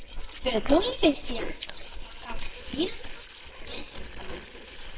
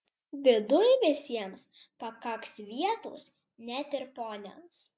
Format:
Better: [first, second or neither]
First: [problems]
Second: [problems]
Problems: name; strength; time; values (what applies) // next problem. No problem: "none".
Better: second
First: noise reduction (neural separator model SepFormer WHAMR!)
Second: none